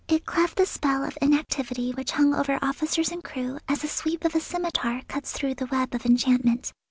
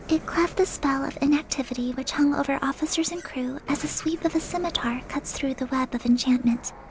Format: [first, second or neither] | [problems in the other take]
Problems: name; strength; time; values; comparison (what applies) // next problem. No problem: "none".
first | background sound (Sliding door); 17 dB below the speech